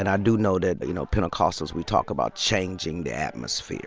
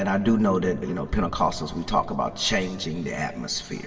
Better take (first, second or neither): first